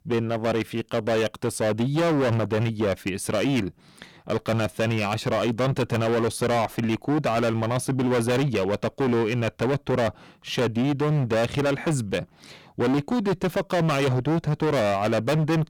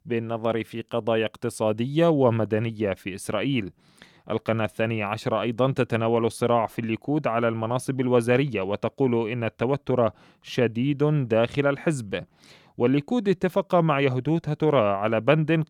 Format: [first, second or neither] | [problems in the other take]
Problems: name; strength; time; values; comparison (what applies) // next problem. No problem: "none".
second | distortion; heavy; 24% of the sound clipped